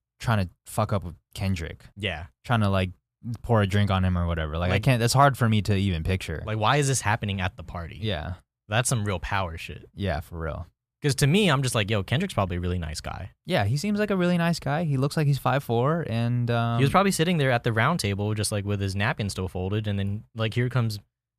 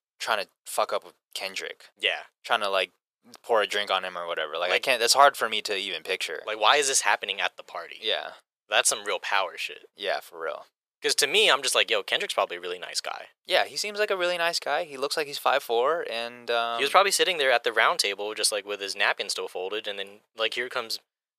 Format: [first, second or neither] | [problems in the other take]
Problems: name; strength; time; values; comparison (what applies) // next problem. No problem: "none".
first | thin; very; fading below 450 Hz